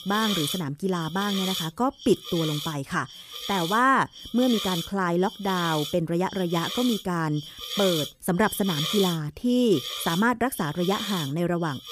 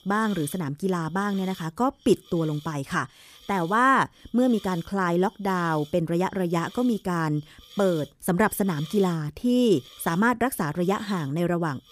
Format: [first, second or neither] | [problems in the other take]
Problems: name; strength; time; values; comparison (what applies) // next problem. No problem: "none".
second | hiss; loud; throughout; 6 dB below the speech; faint in the second